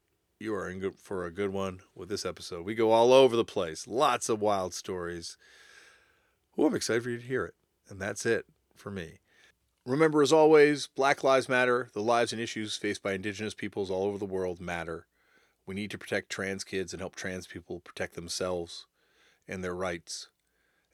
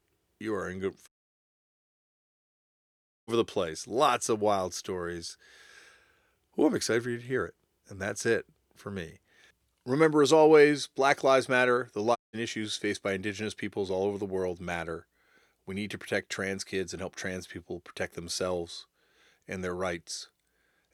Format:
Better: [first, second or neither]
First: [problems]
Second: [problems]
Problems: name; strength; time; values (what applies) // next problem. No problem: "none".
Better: first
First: none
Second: audio cutting out; at 1 s for 2 s and at 12 s